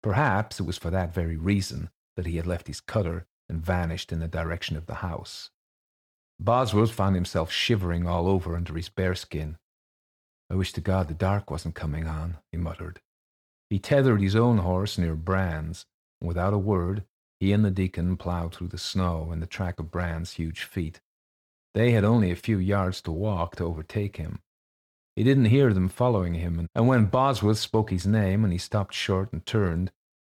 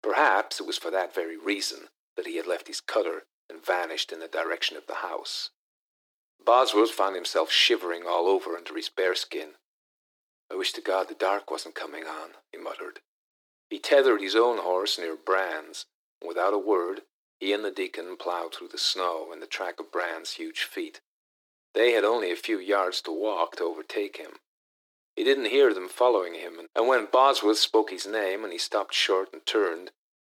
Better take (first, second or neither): first